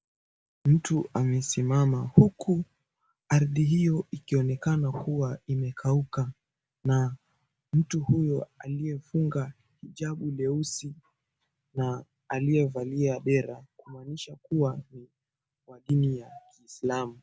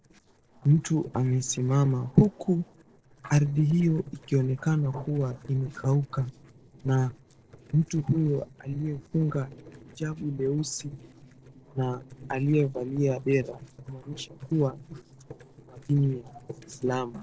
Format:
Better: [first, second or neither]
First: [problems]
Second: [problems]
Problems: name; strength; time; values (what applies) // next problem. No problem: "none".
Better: first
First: none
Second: noise reduction (neural separator model SepFormer DNS4)